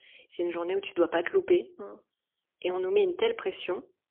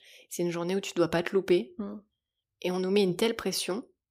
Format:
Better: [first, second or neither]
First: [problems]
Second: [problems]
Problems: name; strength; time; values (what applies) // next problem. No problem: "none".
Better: second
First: phone-call audio; poor line; nothing above 3.5 kHz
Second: none